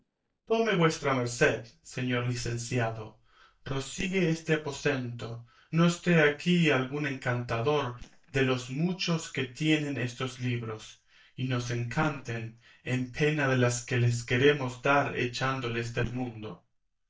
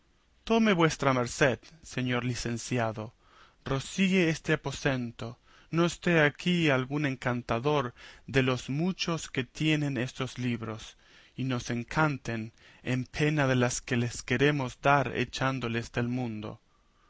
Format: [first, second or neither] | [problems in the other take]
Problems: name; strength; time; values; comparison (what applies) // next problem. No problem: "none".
second | noise reduction (neural mask model DeepFilterNet 3)